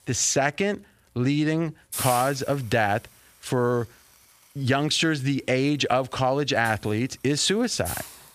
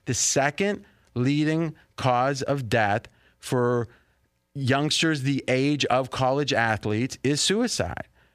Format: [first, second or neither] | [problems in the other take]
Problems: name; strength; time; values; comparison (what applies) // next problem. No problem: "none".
second | hiss; loud; throughout; 10 dB below the speech